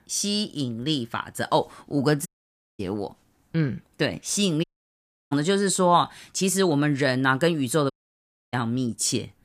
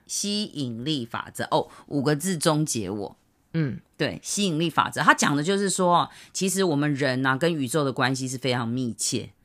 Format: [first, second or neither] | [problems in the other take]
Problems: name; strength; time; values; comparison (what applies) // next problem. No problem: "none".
second | audio cutting out; at 2.5 s for 0.5 s, at 4.5 s for 0.5 s and at 8 s for 0.5 s